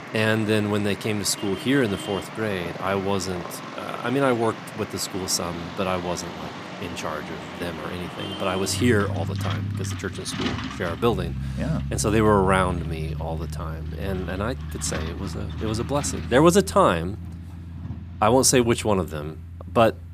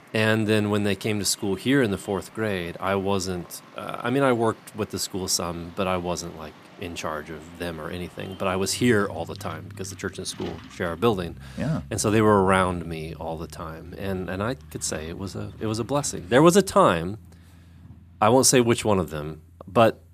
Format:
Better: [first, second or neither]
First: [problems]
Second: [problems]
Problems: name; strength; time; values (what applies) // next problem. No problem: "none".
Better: second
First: traffic noise; loud; throughout; 9 dB below the speech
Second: traffic noise; faint; throughout; 20 dB below the speech